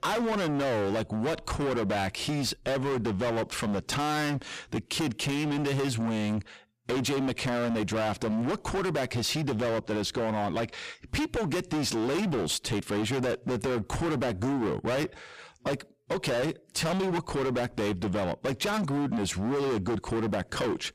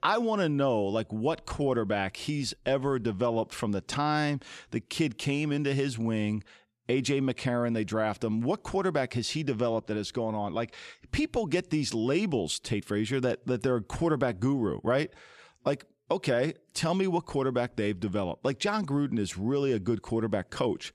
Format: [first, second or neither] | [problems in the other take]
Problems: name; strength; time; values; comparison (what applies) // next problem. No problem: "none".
second | distortion; heavy; 33% of the sound clipped